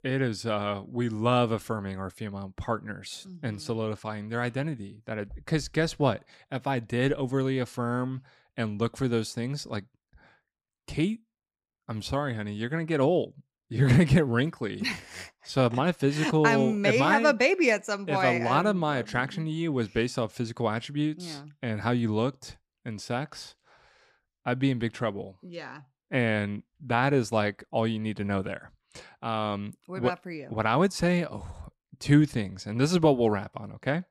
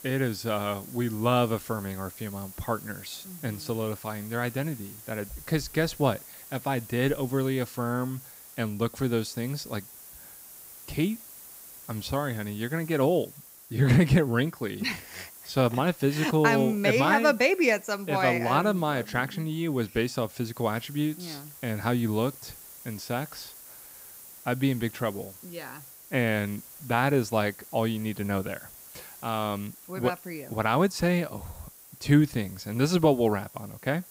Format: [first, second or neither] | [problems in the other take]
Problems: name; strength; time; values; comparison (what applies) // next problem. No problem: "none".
first | hiss; noticeable; throughout; 15 dB below the speech